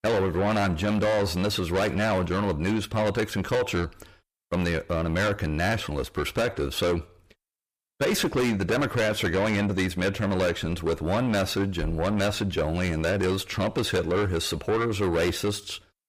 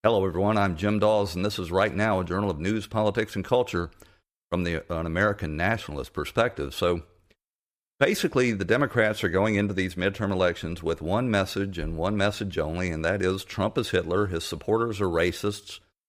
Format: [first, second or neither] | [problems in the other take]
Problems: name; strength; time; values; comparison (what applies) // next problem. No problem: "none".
second | distortion; heavy; 6 dB below the speech